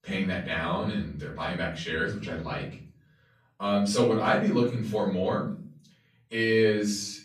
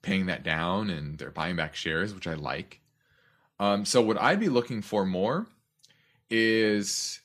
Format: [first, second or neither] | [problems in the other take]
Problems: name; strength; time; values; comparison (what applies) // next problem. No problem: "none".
second | off-mic speech; far // room echo; slight; dies away in 0.6 s